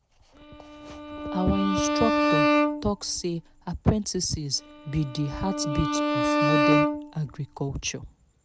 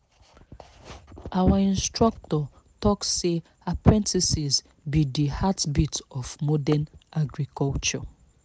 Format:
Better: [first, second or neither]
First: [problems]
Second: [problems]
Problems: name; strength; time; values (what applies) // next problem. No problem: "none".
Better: second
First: background sound (Bowed string instrument); 3 dB above the speech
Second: none